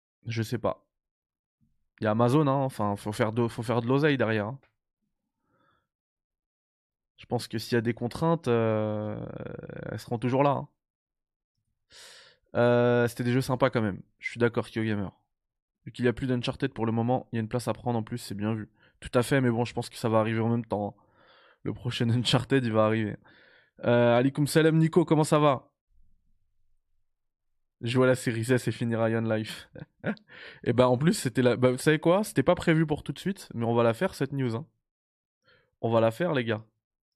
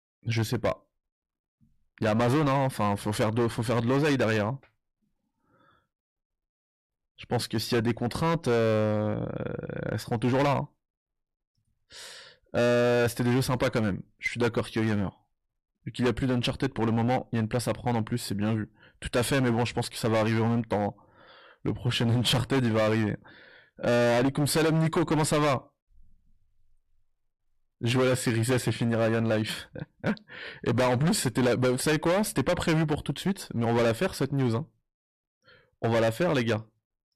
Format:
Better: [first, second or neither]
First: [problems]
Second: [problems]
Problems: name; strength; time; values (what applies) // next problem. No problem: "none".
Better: first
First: none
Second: distortion; heavy; 14% of the sound clipped